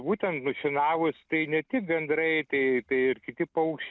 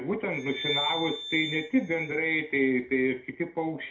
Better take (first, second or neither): first